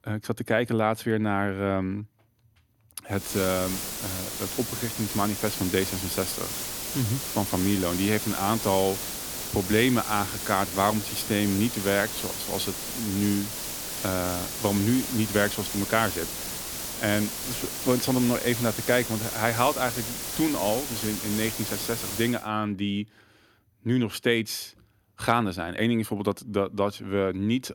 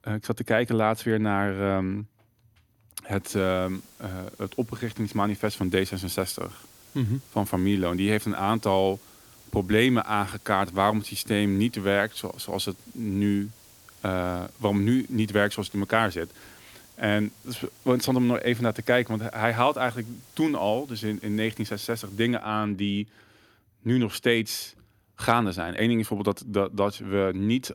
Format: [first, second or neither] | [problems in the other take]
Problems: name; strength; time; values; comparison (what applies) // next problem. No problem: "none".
second | hiss; loud; from 3 to 22 s; 4 dB below the speech; faint in the second